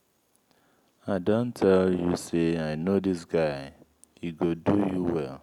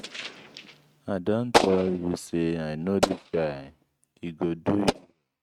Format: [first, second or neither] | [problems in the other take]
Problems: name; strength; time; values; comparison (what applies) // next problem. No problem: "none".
first | noise reduction (neural mask model RNNoise)